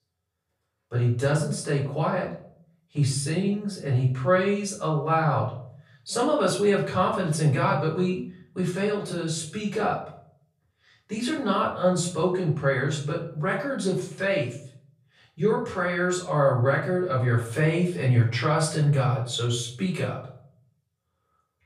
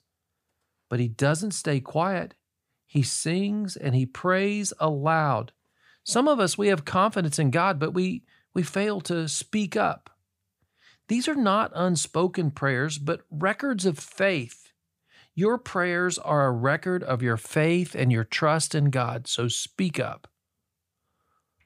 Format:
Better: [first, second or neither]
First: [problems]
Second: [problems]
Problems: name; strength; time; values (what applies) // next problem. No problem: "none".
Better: second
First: off-mic speech; far // room echo; slight; dies away in 0.5 s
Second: none